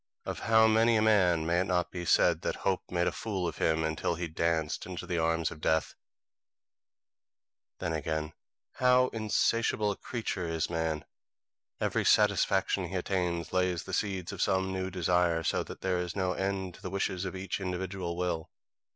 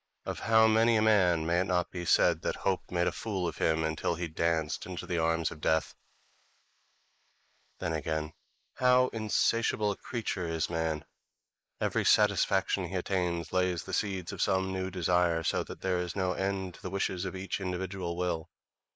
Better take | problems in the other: first | noise reduction (neural mask model Resemble Enhance denoiser)

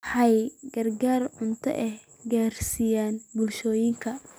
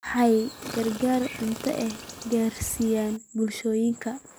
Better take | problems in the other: first | background sound (Chirp, tweet); 13 dB below the speech

